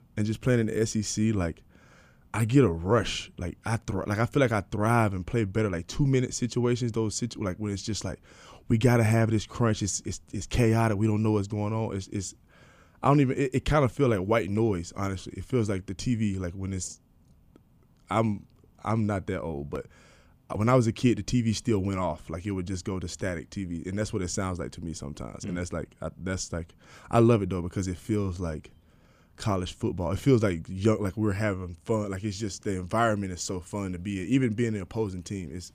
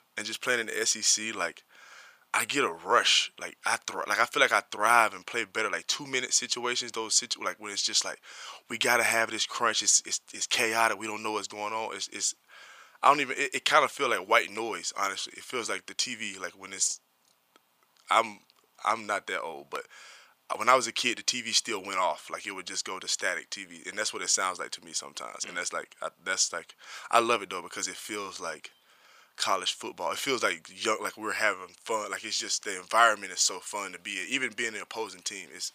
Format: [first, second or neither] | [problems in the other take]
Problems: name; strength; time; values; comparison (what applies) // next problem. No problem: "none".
first | thin; very; fading below 1 kHz